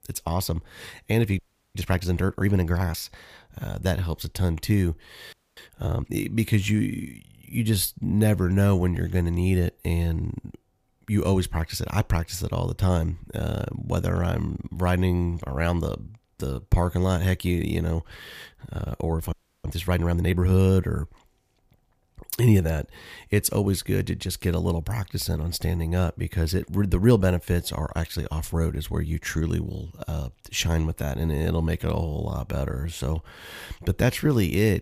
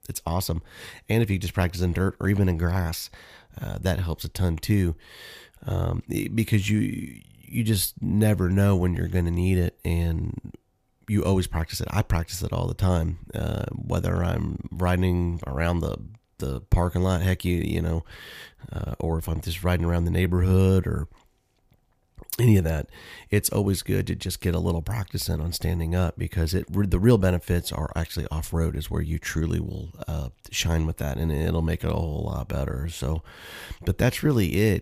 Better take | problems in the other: second | audio freezing; at 1.5 s, at 5.5 s and at 19 s

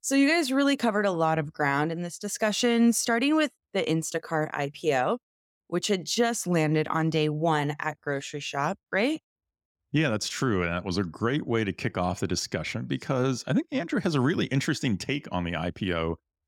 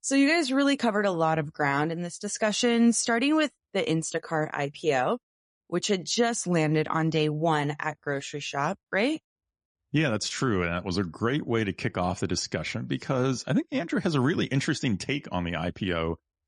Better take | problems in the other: first | garbled, watery; slightly; nothing above 10.5 kHz

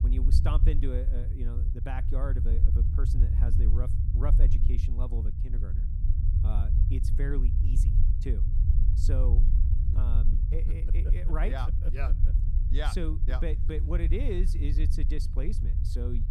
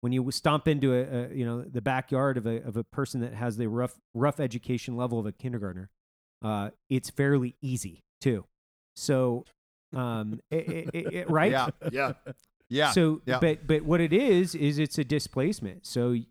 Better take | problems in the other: second | low rumble; loud; throughout; 5 dB below the speech

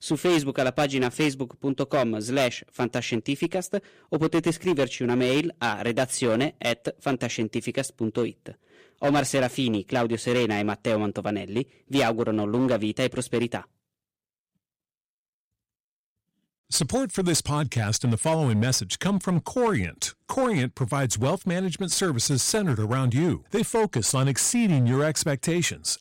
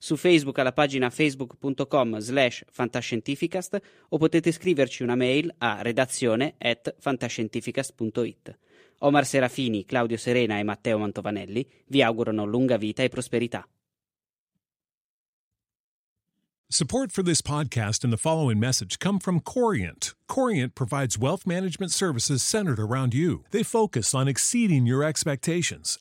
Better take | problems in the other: second | distortion; slight; 9% of the sound clipped

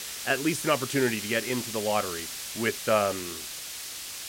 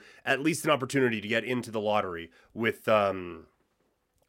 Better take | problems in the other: second | hiss; loud; throughout; 6 dB below the speech

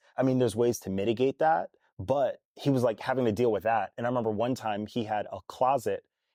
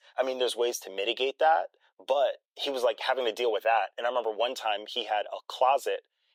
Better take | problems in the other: first | thin; very; fading below 450 Hz

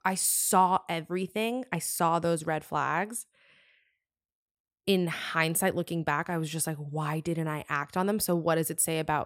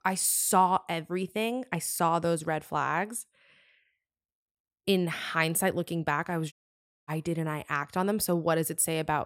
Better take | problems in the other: first | audio cutting out; at 6.5 s for 0.5 s

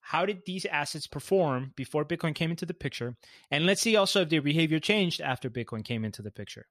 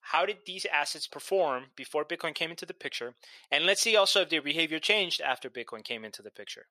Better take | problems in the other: first | thin; very; fading below 550 Hz

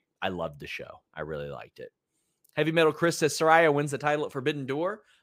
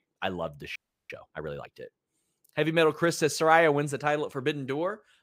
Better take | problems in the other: first | audio freezing; at 1 s

